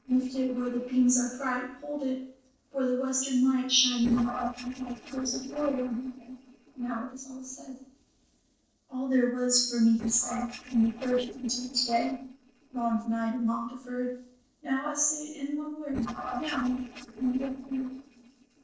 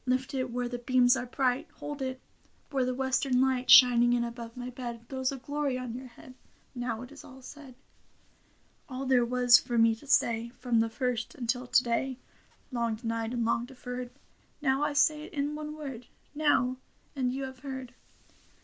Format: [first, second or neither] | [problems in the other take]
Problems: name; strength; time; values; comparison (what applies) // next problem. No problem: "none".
second | noise reduction (neural separator model SepFormer DNS4)